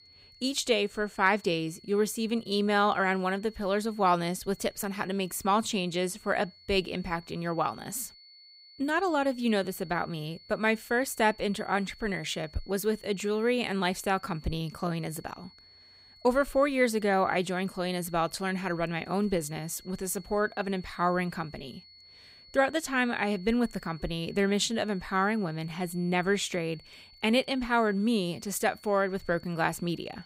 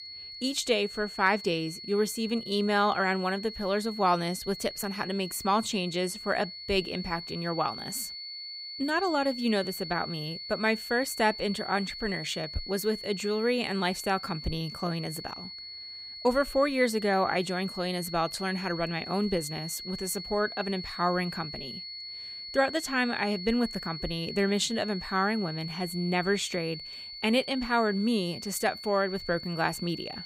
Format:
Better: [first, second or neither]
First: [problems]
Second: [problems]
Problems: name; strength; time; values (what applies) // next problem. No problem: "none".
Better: first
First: high-pitched whine; faint; throughout; 4.5 kHz, 25 dB below the speech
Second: high-pitched whine; loud; throughout; 4.5 kHz, 9 dB below the speech